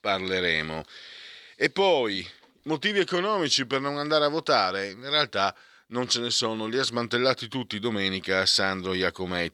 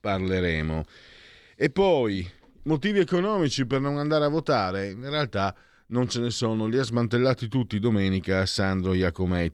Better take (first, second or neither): second